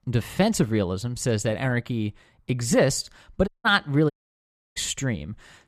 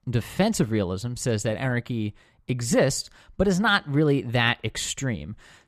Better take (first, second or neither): second